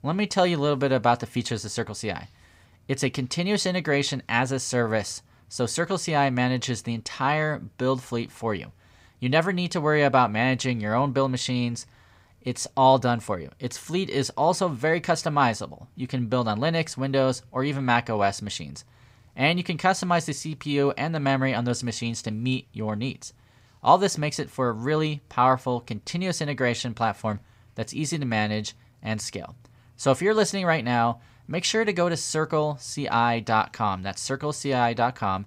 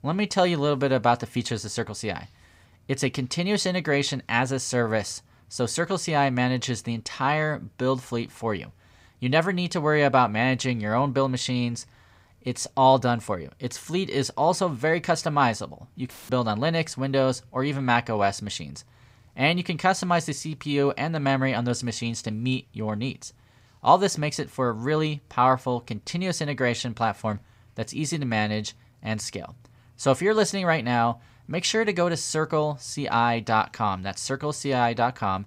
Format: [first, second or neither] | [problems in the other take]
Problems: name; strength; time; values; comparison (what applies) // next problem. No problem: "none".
first | audio cutting out; filled with static; at 16 s